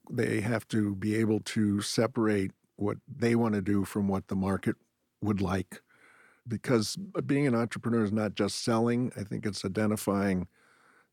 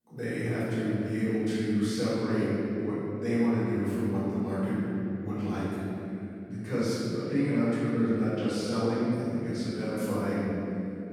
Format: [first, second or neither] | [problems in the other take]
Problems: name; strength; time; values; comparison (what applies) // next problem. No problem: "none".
first | room echo; strong; dies away in 2.9 s // off-mic speech; far